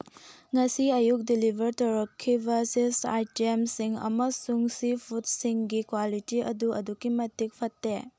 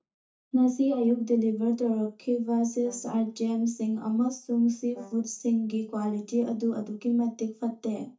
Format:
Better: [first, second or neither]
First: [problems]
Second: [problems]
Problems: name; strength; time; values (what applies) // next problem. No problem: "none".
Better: first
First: none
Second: noise reduction (neural mask model DeepFilterNet 3)